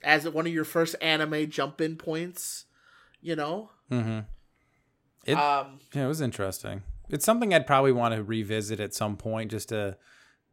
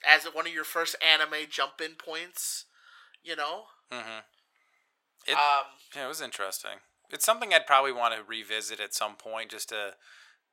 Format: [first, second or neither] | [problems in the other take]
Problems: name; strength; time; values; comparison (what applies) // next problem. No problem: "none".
first | thin; very; fading below 950 Hz